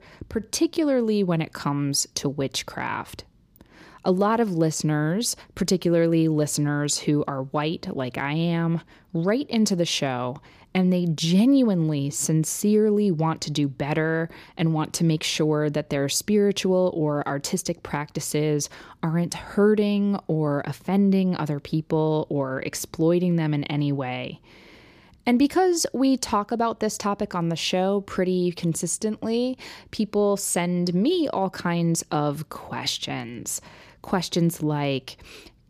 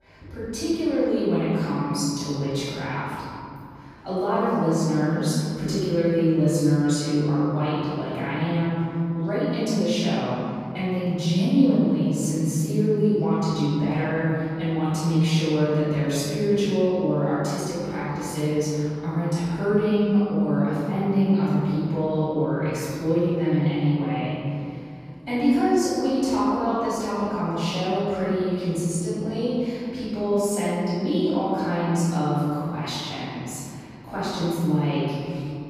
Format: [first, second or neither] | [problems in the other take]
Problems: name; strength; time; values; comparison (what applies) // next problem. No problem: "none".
first | off-mic speech; far // room echo; strong; dies away in 2.7 s